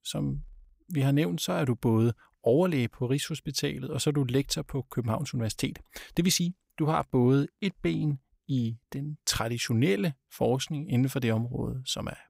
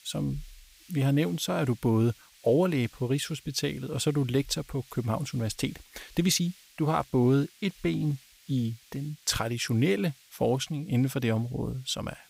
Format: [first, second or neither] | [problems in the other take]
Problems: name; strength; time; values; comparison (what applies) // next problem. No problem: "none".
first | hiss; faint; throughout; 25 dB below the speech